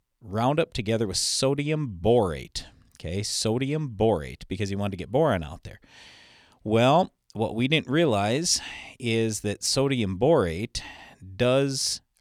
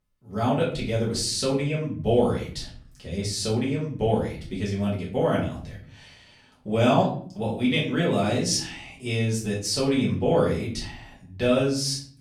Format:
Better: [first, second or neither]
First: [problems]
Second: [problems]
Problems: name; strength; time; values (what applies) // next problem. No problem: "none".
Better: first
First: none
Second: off-mic speech; far // room echo; slight; dies away in 0.5 s